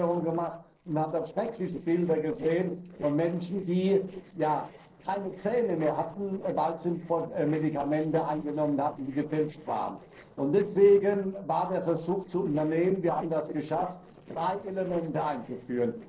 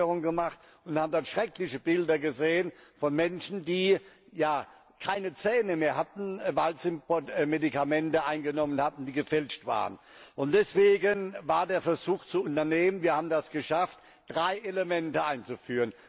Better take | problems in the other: second | noise reduction (neural separator model SepFormer DNS4)

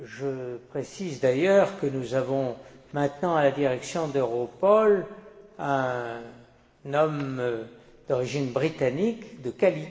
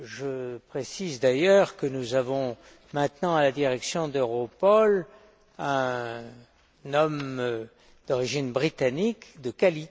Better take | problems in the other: second | room echo; dies away in 1.5 s

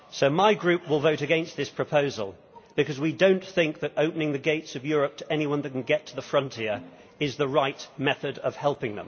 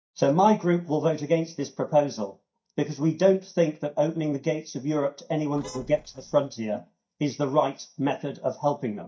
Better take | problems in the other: first | noise reduction (neural mask model DeepFilterNet 3)

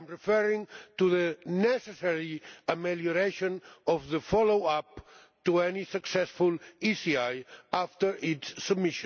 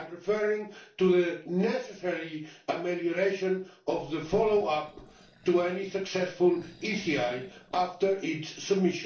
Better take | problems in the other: first | noise reduction (neural separator model SepFormer DNS4)

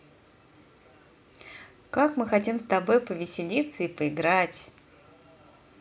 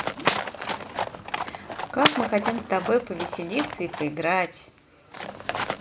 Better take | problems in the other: first | background sound (Livestock, farm animals, working animals); 2 dB below the speech

